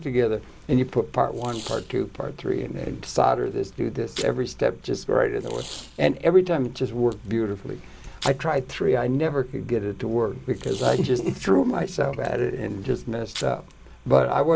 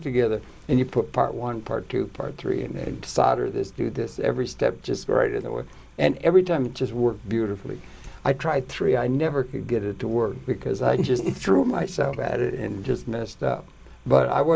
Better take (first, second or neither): second